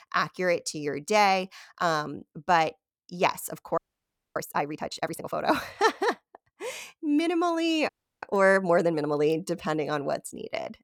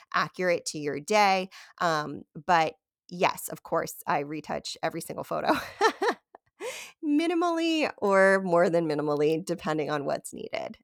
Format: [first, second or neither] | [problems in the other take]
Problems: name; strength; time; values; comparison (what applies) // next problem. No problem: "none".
second | audio freezing; at 4 s for 0.5 s and at 8 s